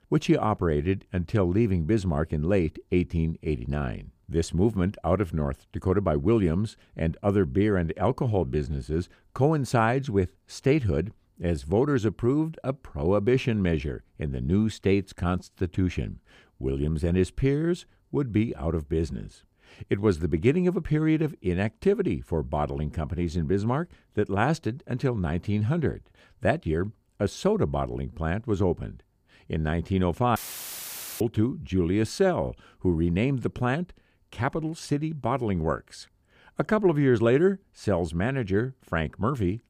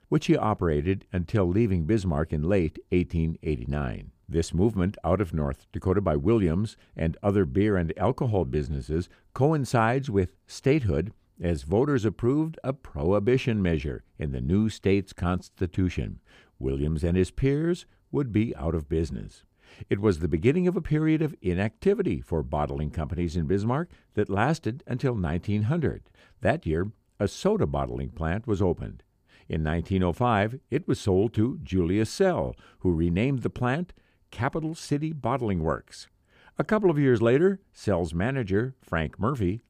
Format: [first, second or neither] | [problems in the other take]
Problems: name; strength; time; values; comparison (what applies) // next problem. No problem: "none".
second | audio cutting out; filled with static; at 30 s for 1 s